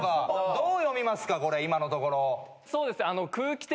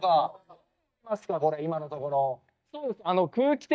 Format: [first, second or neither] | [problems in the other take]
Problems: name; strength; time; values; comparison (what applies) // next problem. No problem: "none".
first | noise reduction (neural mask model DeepFilterNet 3)